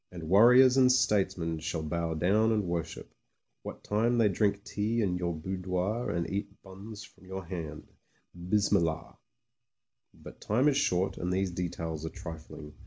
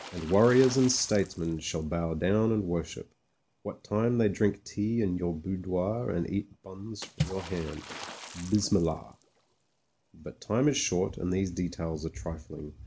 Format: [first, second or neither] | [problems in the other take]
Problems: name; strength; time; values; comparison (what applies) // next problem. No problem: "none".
first | background sound (Water / Splash, splatter); 16 dB below the speech